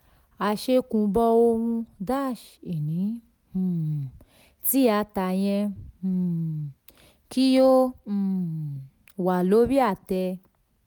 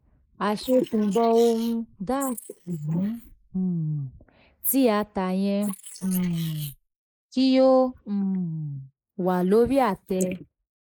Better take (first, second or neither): first